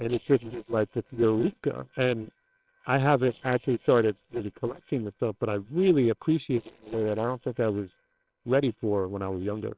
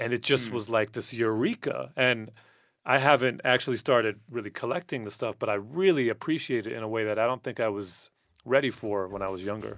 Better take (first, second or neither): second